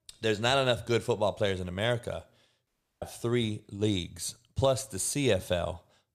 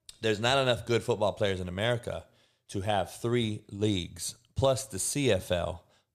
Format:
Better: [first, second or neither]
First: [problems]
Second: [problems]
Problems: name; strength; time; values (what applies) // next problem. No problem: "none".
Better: second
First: audio cutting out; at 2.5 s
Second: none